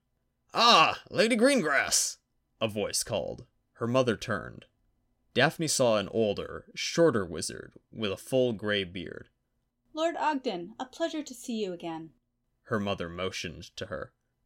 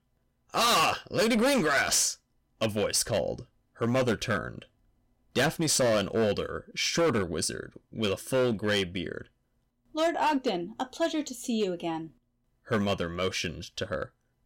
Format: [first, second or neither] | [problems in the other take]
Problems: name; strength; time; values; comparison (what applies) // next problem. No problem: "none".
first | distortion; heavy; 8% of the sound clipped